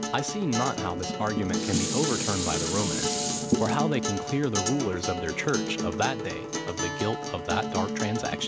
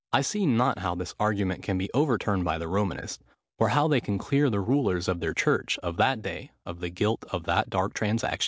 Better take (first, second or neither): second